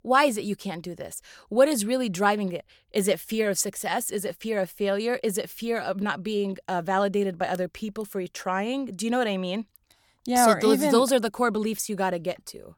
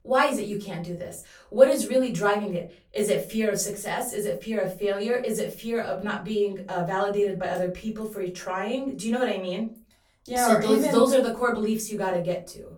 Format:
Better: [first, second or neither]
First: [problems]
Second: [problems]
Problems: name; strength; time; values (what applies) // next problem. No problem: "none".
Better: first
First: none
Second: off-mic speech; far // room echo; slight; dies away in 0.3 s